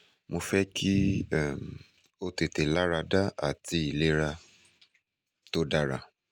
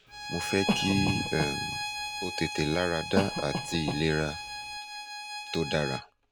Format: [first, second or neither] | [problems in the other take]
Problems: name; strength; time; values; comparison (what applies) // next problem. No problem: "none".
first | background sound (Bowed string instrument + Cough); 3 dB below the speech